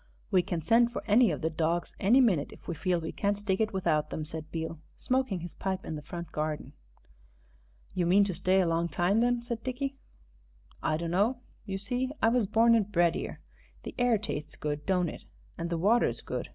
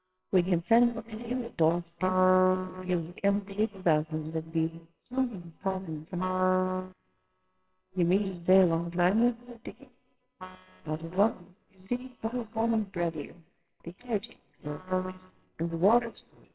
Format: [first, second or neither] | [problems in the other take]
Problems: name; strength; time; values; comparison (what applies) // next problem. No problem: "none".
first | noise reduction (neural separator model SepFormer WHAMR!)